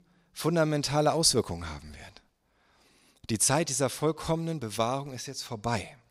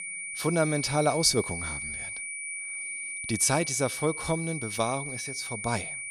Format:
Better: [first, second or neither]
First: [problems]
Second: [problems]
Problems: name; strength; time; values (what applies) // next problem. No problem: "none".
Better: first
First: none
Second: high-pitched whine; loud; throughout; 2.5 kHz, 6 dB below the speech